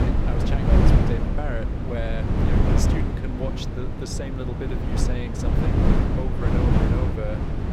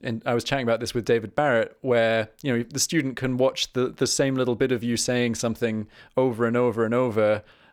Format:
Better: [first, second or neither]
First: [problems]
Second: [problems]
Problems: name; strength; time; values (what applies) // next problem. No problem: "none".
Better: second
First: wind noise on the microphone; heavy; 4 dB above the speech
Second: none